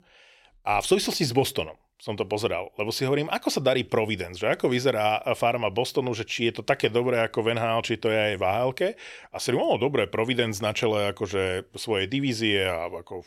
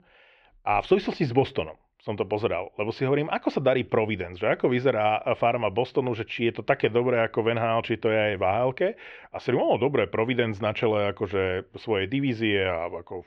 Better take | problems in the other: first | muffled; very; fading above 2.5 kHz

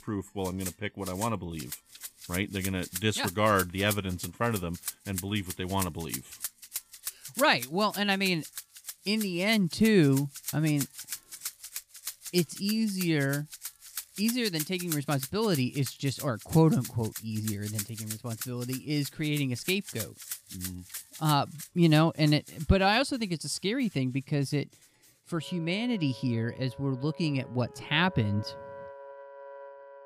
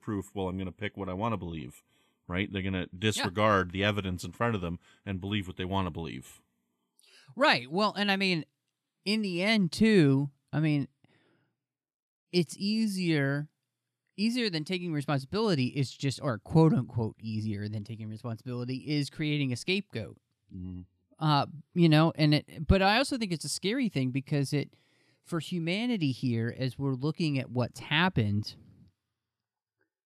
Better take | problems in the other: second | background music; noticeable; throughout; 10 dB below the speech

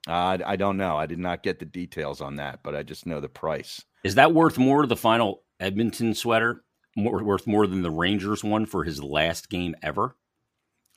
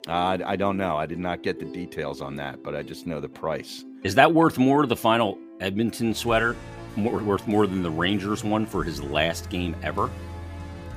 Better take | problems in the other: first | background music; noticeable; throughout; 15 dB below the speech

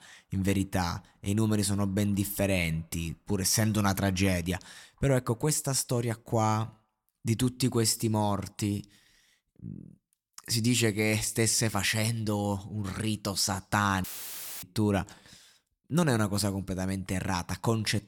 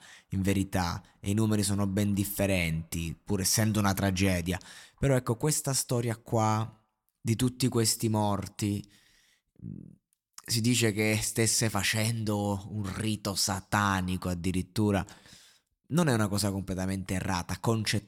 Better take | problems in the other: second | audio cutting out; filled with static; at 14 s for 0.5 s

